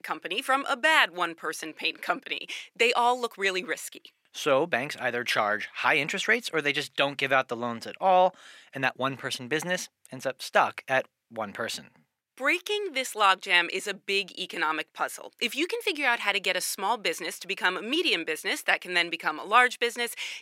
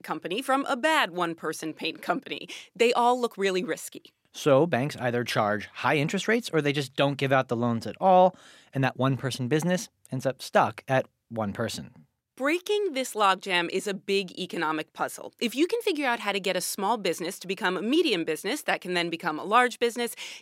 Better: second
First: thin; somewhat; fading below 600 Hz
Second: none

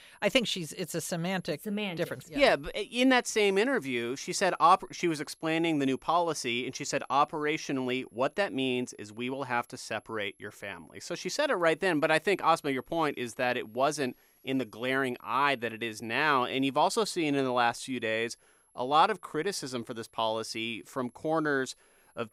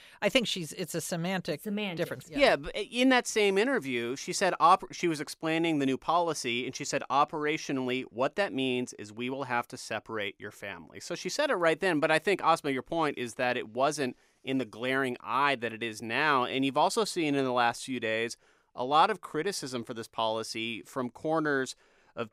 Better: second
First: high-pitched whine; faint; throughout; 11 kHz, 35 dB below the speech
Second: none

